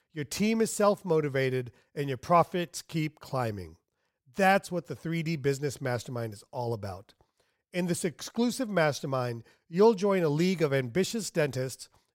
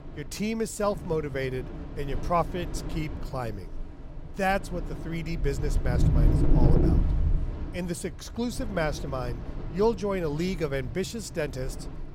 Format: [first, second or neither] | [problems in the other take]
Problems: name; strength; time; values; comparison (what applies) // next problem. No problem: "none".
first | wind in the background; very loud; throughout; as loud as the speech